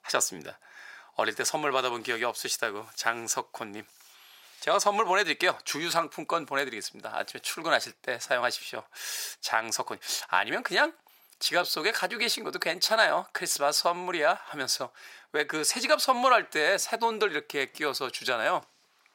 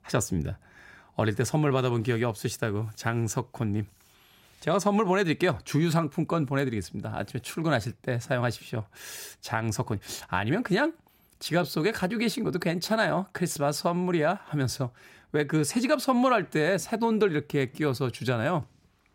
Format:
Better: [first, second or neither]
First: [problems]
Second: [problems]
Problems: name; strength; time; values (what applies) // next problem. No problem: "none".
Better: second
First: thin; very; fading below 650 Hz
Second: none